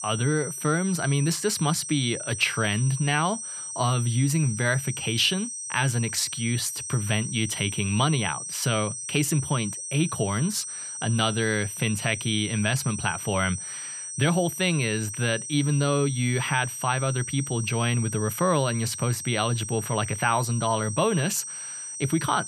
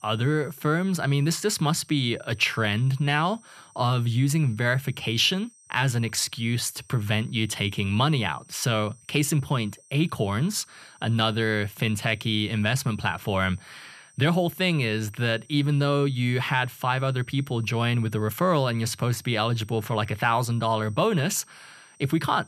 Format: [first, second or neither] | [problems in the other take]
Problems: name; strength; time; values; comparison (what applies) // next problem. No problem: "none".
second | high-pitched whine; loud; throughout; 8.5 kHz, 7 dB below the speech; faint in the second